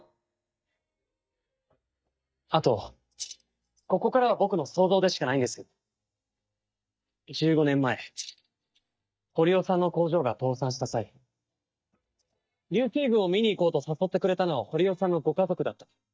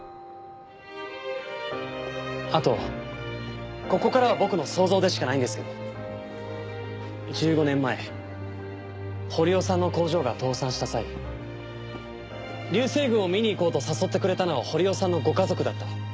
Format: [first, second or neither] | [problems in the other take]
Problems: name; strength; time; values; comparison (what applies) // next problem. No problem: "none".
second | noise reduction (neural mask model DeepFilterNet 3)